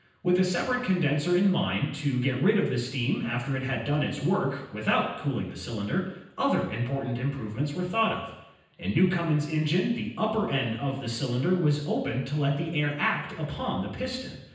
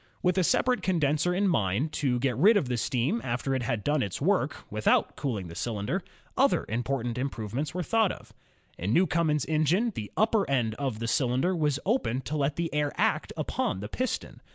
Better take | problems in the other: second | room echo; dies away in 0.9 s

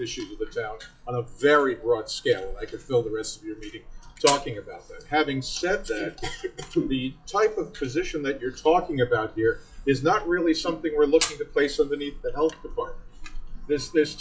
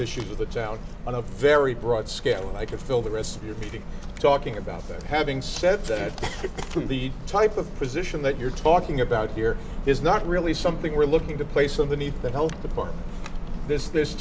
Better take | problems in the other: second | noise reduction (classical method WPE with log-MMSE)

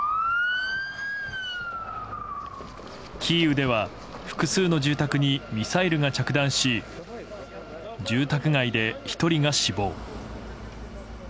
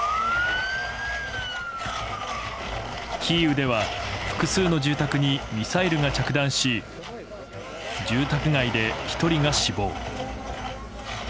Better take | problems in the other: first | background sound (Domestic sounds, home sounds); 7 dB below the speech

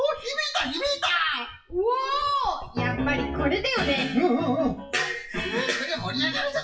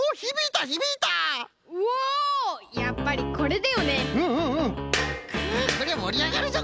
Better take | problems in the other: second | noise reduction (classical method WPE with log-MMSE)

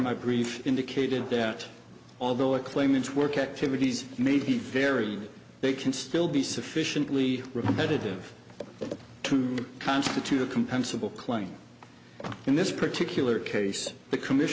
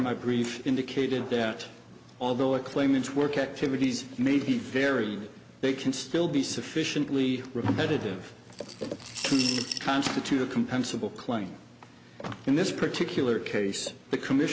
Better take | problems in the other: first | background sound (Coin (dropping) / Glass); 7 dB below the speech

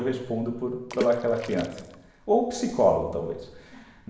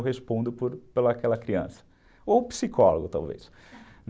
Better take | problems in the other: second | background sound (Water / Splash, splatter); 12 dB below the speech // room echo; dies away in 1 s

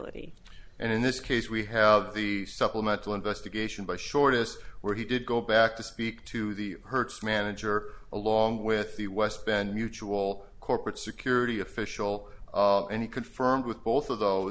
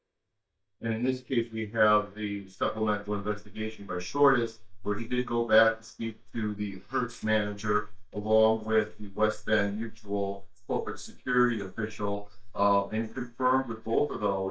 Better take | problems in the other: first | noise reduction (neural mask model DeepFilterNet 3)

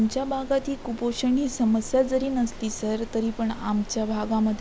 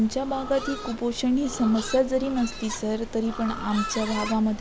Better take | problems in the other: first | background sound (Livestock, farm animals, working animals); 12 dB below the speech

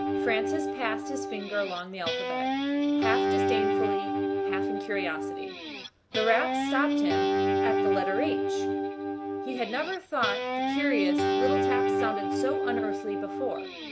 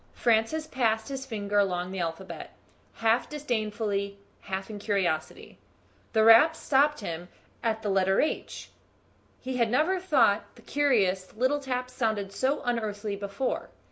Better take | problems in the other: second | background sound (Guitar); 5 dB above the speech

